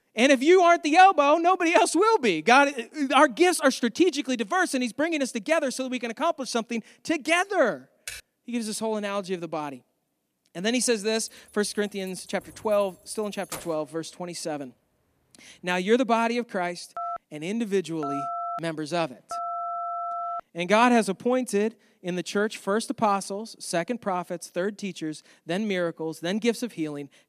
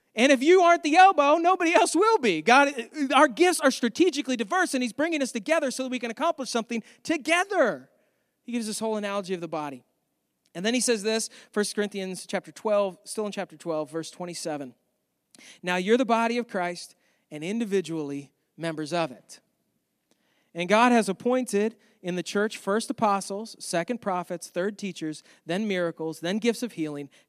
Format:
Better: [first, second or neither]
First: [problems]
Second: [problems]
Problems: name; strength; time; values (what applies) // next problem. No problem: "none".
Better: second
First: keyboard typing; faint; at 8 s; peak 15 dB below the speech // jangling keys; faint; from 11 to 14 s; peak 15 dB below the speech // phone ringing; noticeable; from 17 to 20 s; peak 6 dB below the speech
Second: none